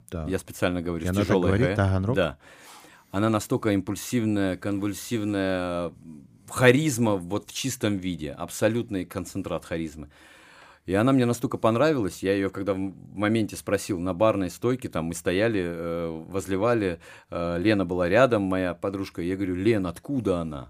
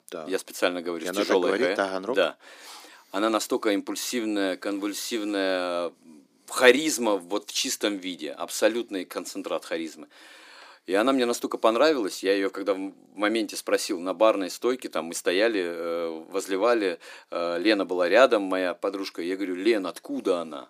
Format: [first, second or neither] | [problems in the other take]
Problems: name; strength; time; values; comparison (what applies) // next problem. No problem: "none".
first | thin; somewhat; fading below 300 Hz